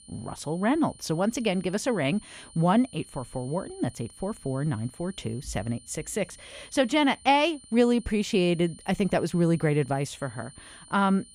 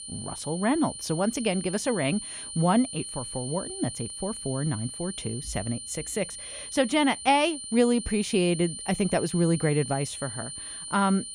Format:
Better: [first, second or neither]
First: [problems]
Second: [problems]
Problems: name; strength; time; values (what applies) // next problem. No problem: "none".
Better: first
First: high-pitched whine; faint; throughout; 9 kHz, 20 dB below the speech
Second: high-pitched whine; loud; throughout; 9 kHz, 8 dB below the speech